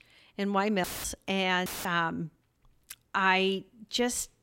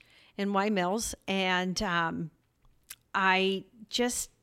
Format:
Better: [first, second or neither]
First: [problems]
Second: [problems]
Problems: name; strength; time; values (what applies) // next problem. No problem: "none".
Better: second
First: audio cutting out; filled with static; at 1 s and at 1.5 s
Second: none